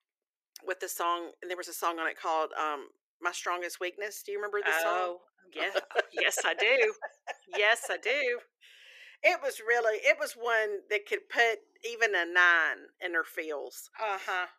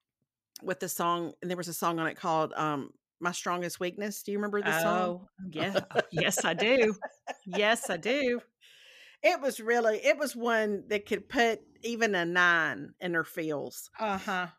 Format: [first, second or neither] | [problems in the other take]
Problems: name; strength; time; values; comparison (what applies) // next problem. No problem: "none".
second | thin; very; fading below 350 Hz